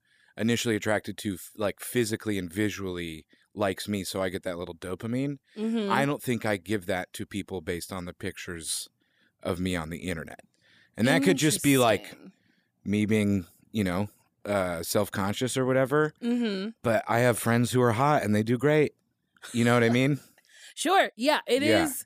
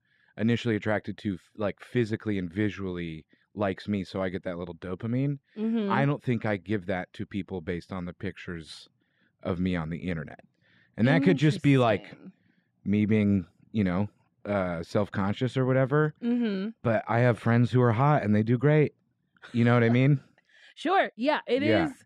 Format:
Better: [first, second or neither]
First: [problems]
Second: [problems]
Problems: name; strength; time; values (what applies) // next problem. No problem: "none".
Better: first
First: none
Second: muffled; slightly; fading above 3 kHz